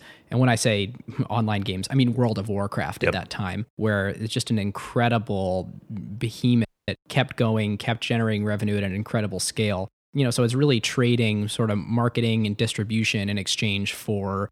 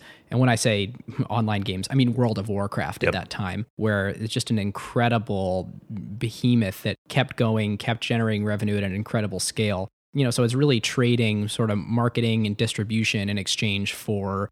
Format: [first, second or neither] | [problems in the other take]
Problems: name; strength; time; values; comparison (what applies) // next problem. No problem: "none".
second | audio cutting out; at 6.5 s